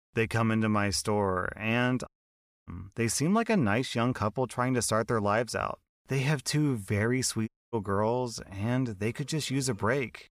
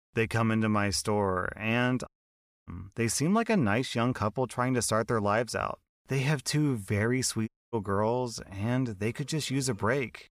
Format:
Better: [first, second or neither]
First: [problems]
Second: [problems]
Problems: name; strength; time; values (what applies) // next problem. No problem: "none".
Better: neither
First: audio cutting out; at 2 s for 0.5 s and at 7.5 s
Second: audio cutting out; at 2 s for 0.5 s and at 7.5 s